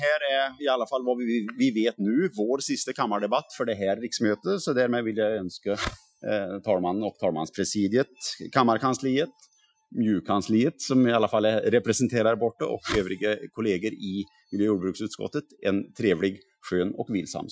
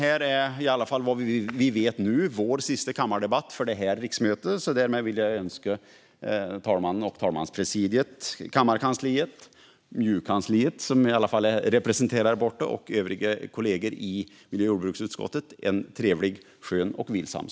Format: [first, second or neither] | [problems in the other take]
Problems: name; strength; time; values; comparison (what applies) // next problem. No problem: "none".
second | noise reduction (classical method Wiener filter)